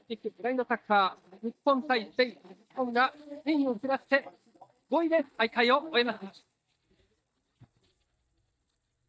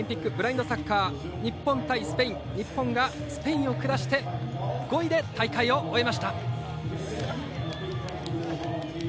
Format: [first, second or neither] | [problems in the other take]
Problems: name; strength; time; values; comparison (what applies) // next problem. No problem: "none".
second | noise reduction (neural mask model DeepFilterNet 3)